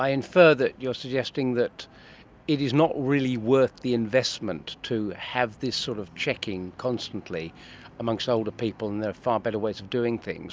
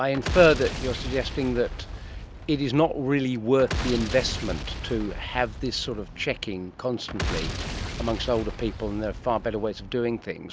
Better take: first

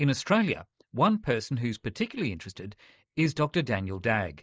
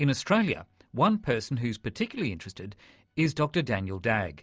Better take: second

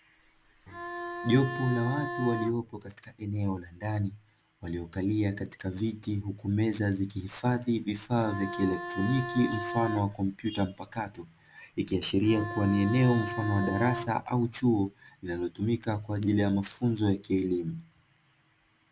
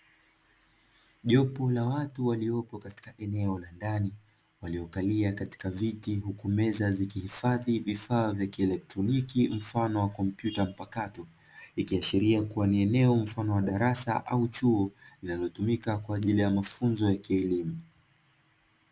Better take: second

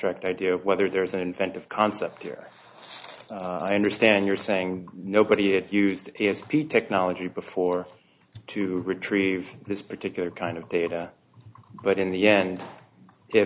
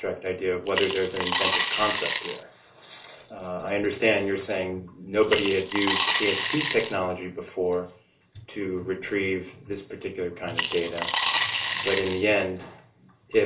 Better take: first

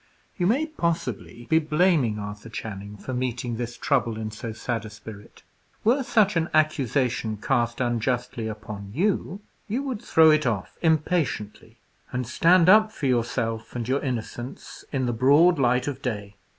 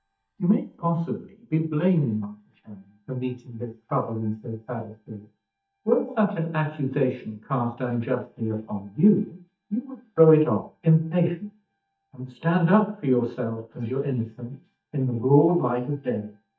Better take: first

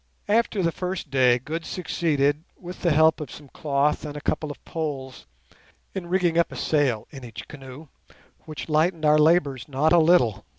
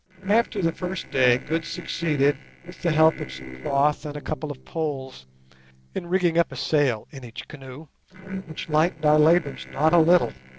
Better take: first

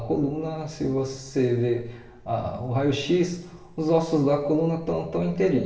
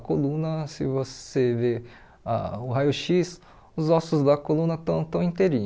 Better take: second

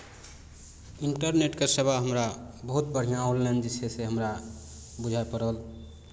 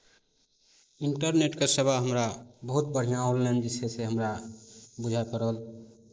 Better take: first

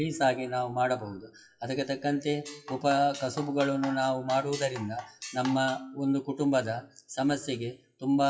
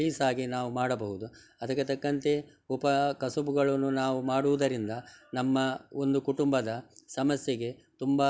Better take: second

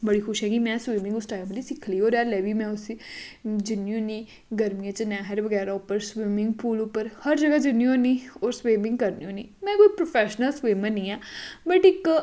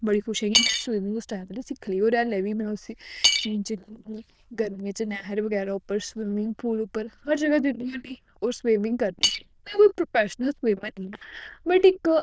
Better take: first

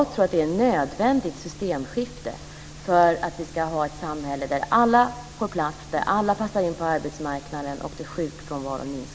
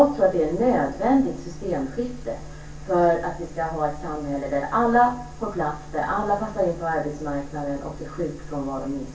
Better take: first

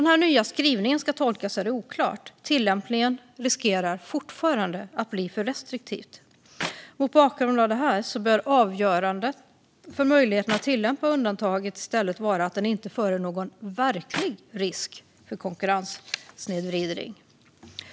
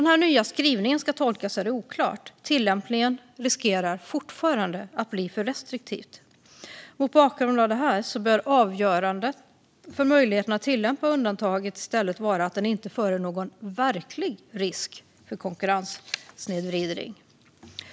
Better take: second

